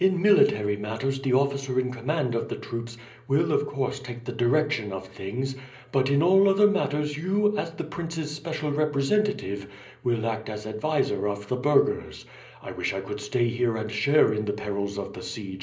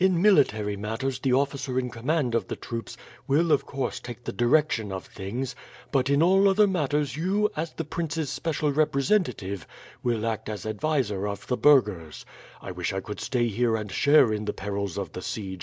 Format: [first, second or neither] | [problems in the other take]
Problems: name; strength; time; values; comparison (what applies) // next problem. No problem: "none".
second | room echo; dies away in 0.5 s